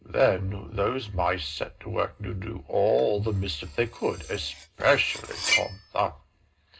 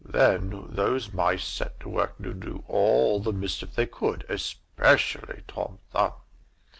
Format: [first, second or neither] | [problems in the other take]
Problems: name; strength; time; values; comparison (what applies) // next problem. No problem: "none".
second | background sound (Cutlery, silverware); 7 dB below the speech // room echo; dies away in 0.2 s